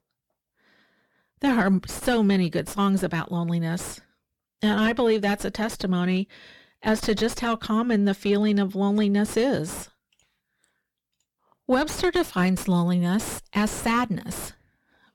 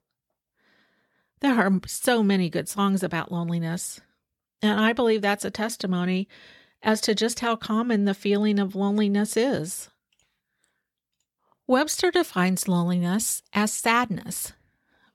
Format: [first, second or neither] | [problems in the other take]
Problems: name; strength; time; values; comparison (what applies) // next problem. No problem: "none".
second | distortion; slight; 7 dB below the speech